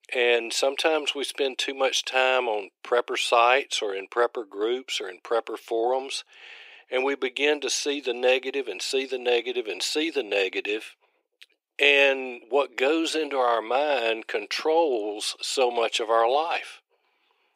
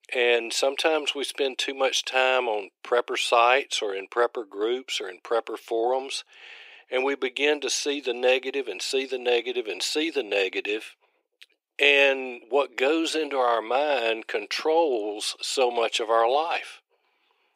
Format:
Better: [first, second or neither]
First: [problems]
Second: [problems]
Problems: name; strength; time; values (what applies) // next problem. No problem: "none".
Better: neither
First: thin; very; fading below 350 Hz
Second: thin; very; fading below 350 Hz